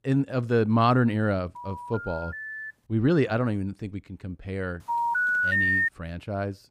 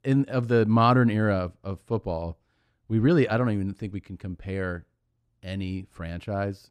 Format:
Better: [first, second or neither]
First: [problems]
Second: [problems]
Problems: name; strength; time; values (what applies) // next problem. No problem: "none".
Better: second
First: phone ringing; noticeable; from 1.5 to 2.5 s; peak 8 dB below the speech // phone ringing; loud; from 5 to 6 s; peak 5 dB above the speech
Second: none